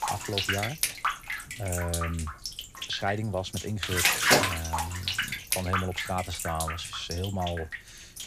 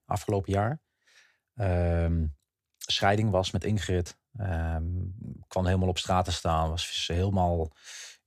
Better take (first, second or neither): second